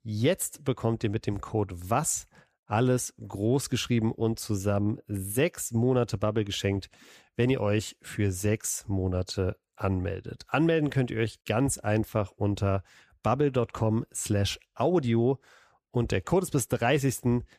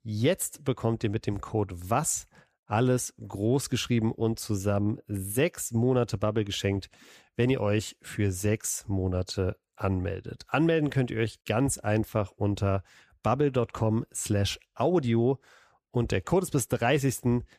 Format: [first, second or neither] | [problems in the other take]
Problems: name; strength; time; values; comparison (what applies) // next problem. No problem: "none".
neither | none